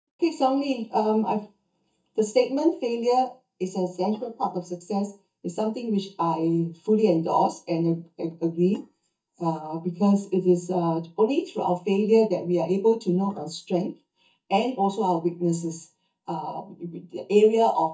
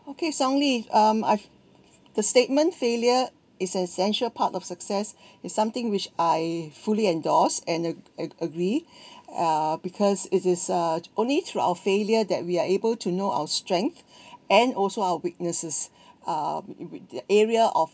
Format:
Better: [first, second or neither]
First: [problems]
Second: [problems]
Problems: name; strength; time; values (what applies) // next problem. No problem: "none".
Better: second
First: noise reduction (neural mask model DeepFilterNet 3)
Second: none